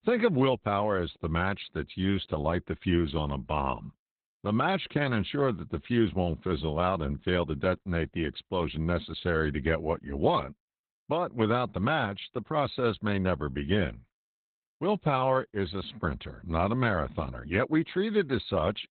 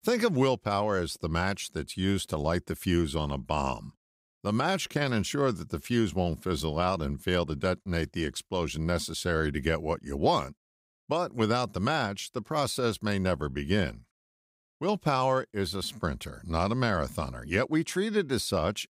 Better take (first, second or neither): second